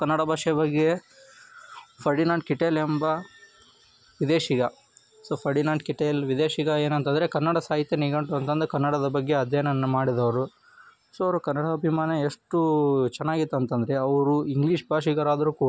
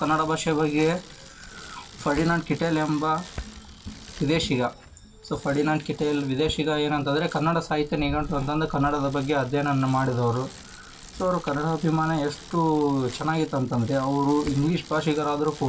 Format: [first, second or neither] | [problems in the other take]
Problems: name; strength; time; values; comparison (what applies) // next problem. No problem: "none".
first | background sound (Bicycle); 16 dB below the speech // room echo; dies away in 0.2 s